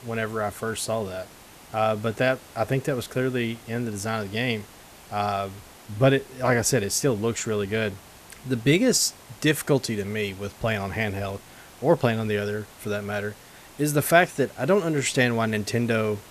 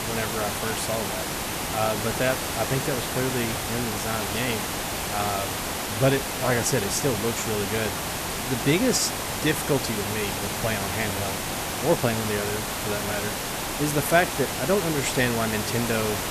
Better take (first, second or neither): first